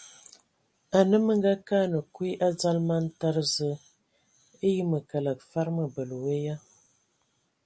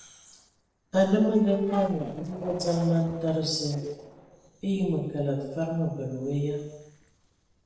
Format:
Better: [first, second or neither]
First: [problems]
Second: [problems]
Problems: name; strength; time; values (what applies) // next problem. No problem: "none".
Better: first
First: none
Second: noise reduction (neural separator model SepFormer DNS4)